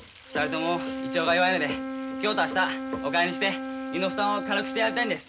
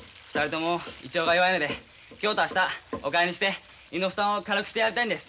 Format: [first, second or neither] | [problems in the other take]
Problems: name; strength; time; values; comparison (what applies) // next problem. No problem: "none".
second | background sound (Wind instrument, woodwind instrument); 5 dB below the speech